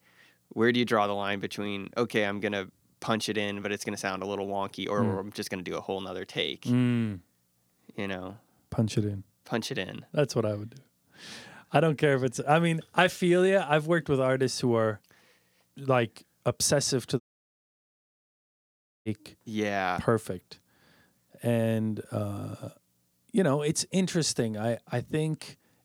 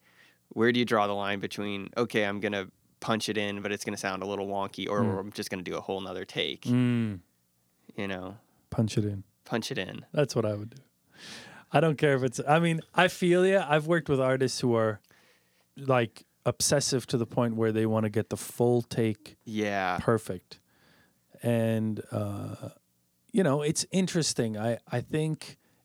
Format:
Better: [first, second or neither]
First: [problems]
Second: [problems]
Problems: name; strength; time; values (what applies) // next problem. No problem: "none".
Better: second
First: audio cutting out; at 17 s for 2 s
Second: none